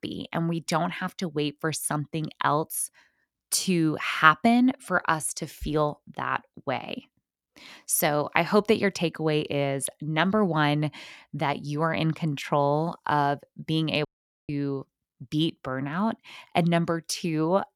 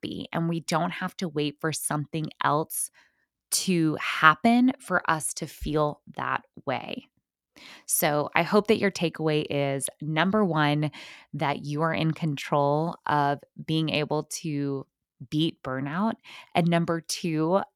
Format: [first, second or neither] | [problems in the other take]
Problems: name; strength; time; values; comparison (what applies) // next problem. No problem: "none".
second | audio cutting out; at 14 s